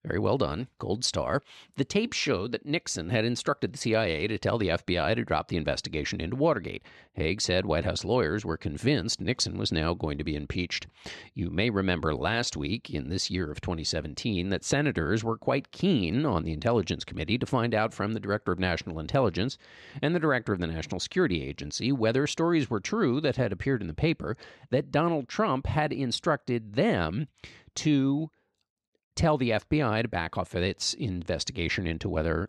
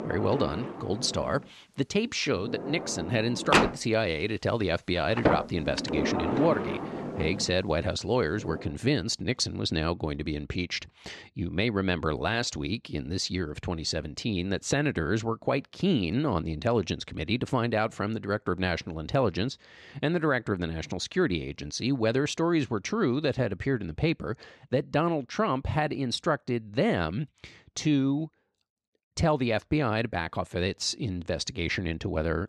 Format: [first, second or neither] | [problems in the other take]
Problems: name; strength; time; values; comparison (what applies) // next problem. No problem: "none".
first | household noises; loud; until 8.5 s; 2 dB below the speech